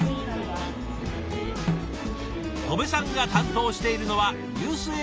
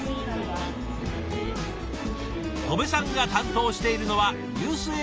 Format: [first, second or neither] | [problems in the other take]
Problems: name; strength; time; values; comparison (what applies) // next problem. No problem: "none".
second | background sound (Snare drum); 7 dB below the speech